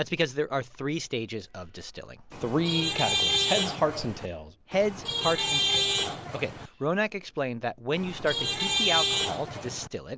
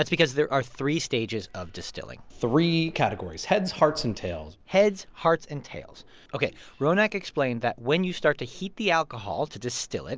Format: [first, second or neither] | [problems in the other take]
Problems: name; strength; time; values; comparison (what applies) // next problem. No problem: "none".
second | background sound (Traffic noise, roadway noise / Vehicle horn, car horn, honking); 2 dB above the speech